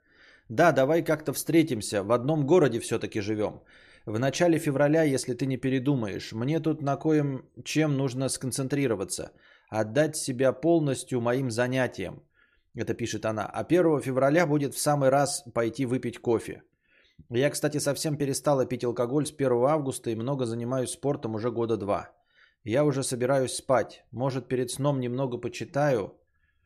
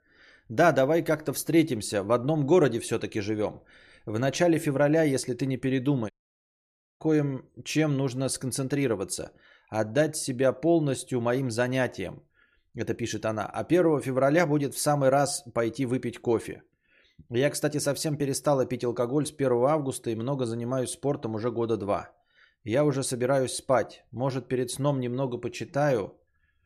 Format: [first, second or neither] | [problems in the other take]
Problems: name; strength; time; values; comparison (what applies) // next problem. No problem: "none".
first | audio cutting out; at 6 s for 1 s